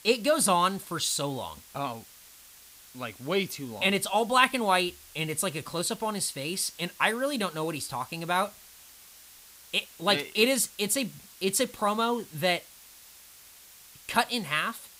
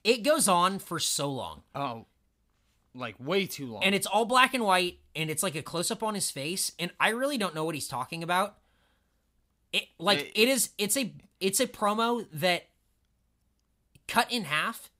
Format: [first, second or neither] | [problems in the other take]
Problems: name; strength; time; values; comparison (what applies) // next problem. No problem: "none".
second | hiss; faint; throughout; 20 dB below the speech